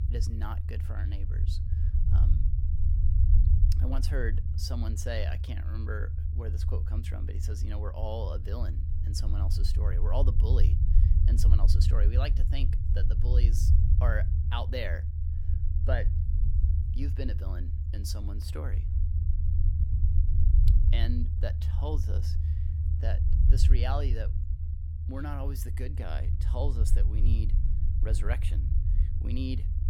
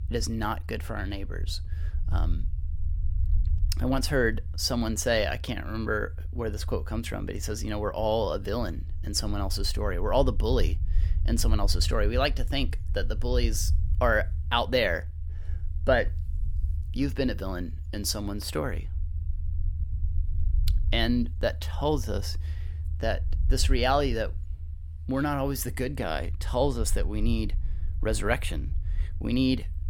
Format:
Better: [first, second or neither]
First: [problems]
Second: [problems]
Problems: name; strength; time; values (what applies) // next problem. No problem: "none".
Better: second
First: low rumble; loud; throughout; 5 dB below the speech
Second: low rumble; faint; throughout; 20 dB below the speech